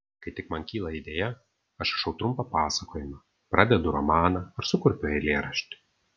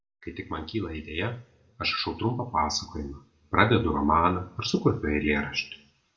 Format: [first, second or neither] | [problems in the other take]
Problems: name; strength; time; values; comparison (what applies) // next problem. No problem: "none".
first | room echo; dies away in 0.3 s